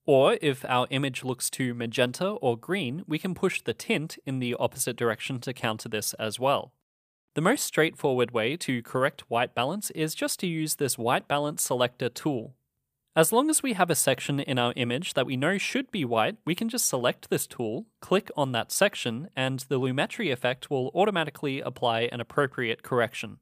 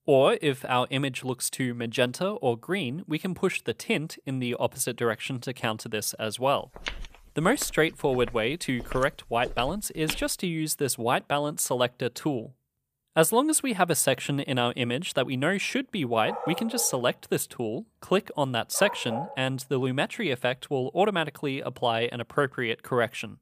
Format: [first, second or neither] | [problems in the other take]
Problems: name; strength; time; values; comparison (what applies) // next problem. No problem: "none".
first | footsteps; noticeable; from 7 to 10 s; peak 7 dB below the speech // dog barking; noticeable; from 16 to 19 s; peak 7 dB below the speech